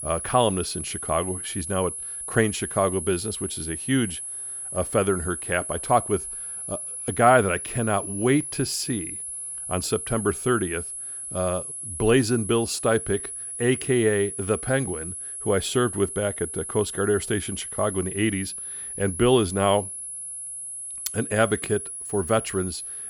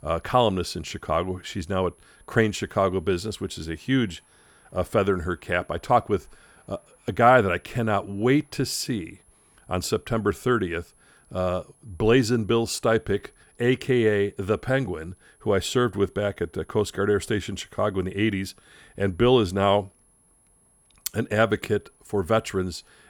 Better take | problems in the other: second | high-pitched whine; loud; throughout; 10.5 kHz, 6 dB below the speech; faint in the second

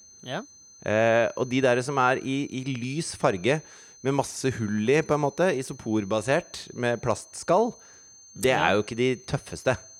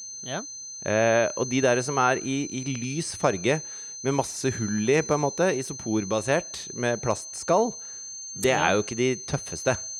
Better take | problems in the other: first | high-pitched whine; loud; throughout; 6 kHz, 9 dB below the speech; faint in the first

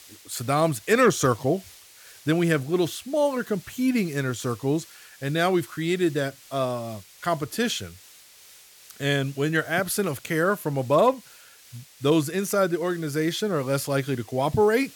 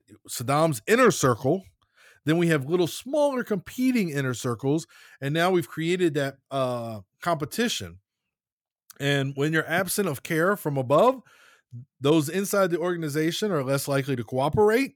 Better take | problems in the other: second | hiss; faint; throughout; 20 dB below the speech

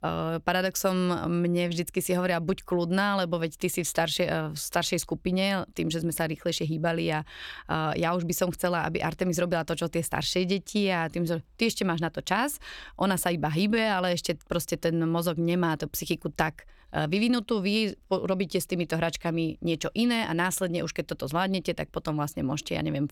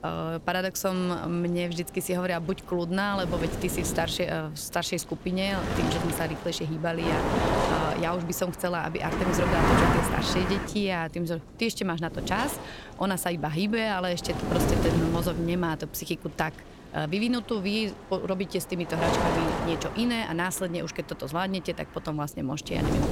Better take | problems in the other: first | wind noise on the microphone; heavy; 1 dB above the speech

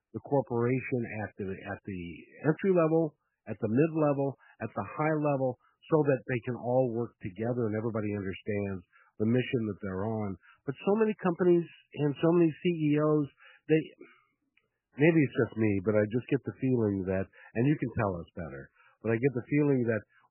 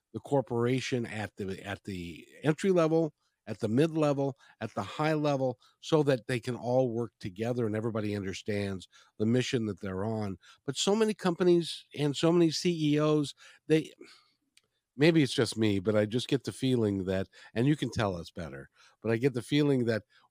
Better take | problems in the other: second | garbled, watery; badly; nothing above 3 kHz

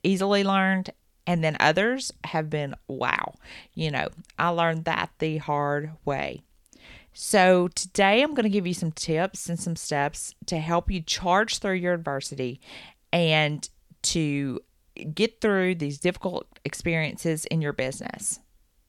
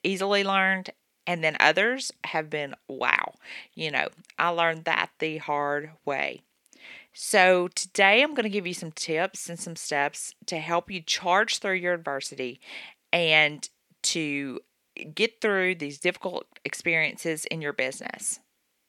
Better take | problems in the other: first | thin; somewhat; fading below 250 Hz

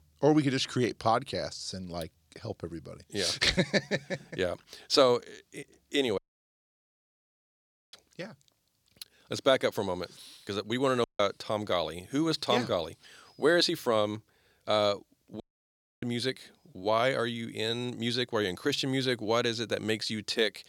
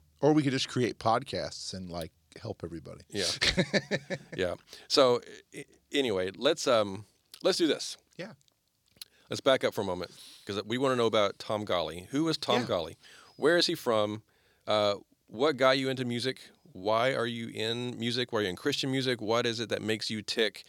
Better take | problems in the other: second | audio cutting out; at 6 s for 2 s, at 11 s and at 15 s for 0.5 s

